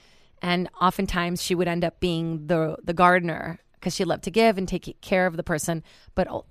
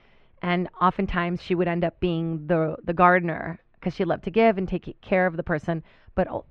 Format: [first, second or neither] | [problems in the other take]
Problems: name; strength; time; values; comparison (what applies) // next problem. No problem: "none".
first | muffled; very; fading above 2.5 kHz